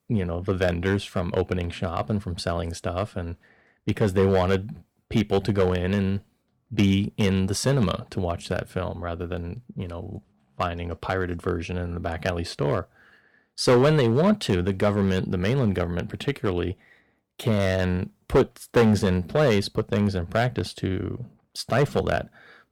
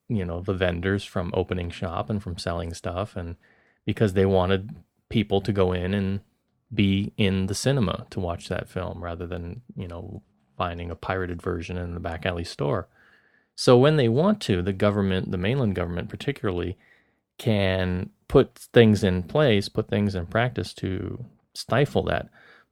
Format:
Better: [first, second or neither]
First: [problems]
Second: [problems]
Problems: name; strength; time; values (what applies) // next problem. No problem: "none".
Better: second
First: distortion; slight; 2% of the sound clipped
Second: none